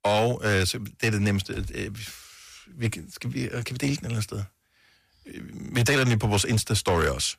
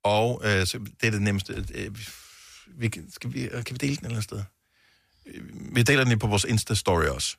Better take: second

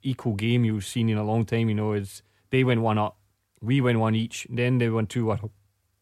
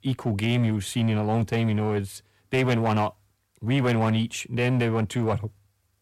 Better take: first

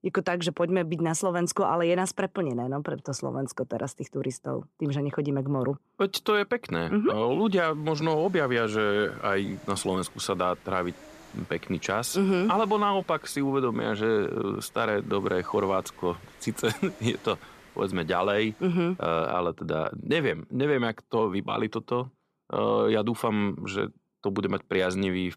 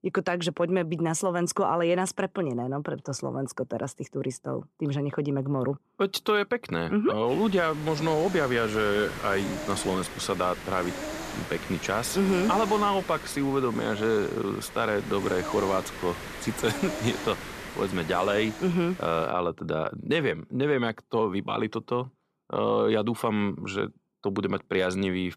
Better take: first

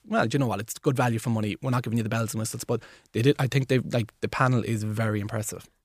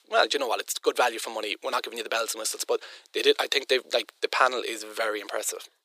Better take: first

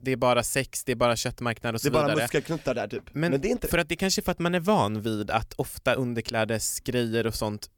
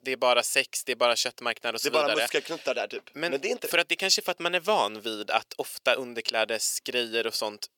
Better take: first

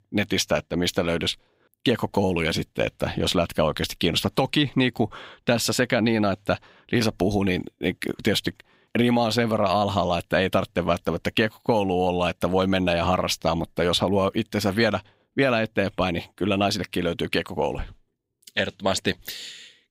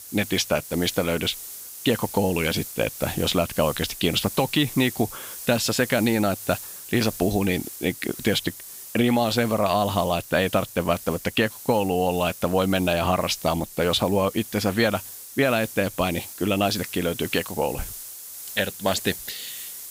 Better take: first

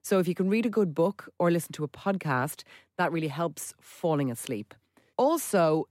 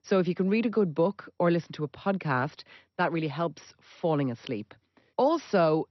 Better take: first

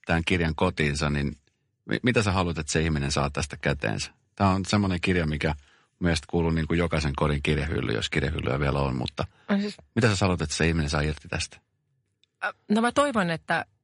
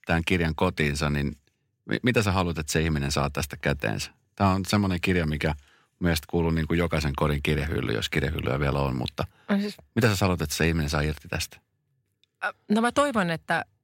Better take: second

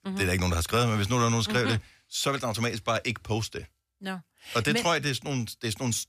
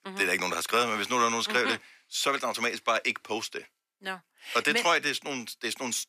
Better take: first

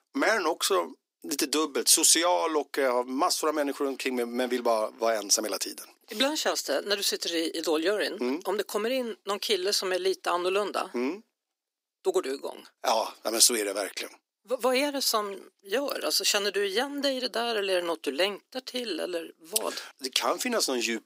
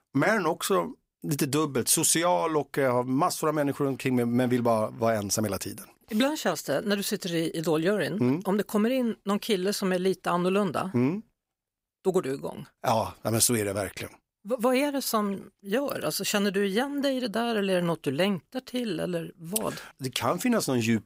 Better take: second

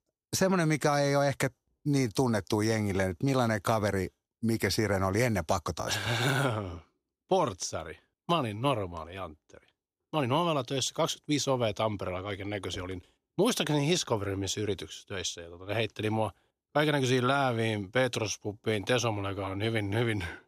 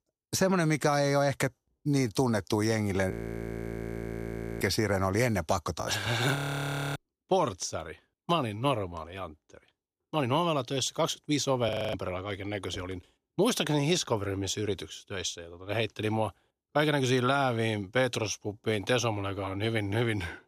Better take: first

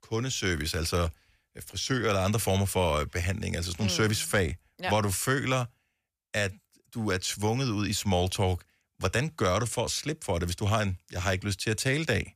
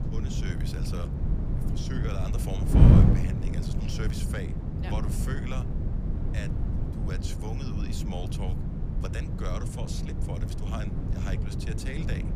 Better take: first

